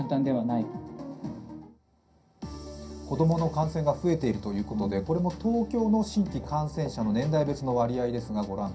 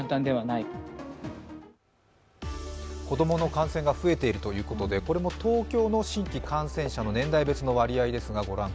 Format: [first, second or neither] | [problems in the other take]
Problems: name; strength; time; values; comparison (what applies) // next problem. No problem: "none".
second | room echo; dies away in 0.3 s